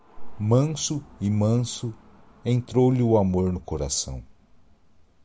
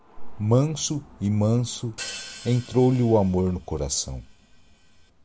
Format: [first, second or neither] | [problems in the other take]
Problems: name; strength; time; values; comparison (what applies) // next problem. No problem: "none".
first | background sound (Hi-hat); 18 dB below the speech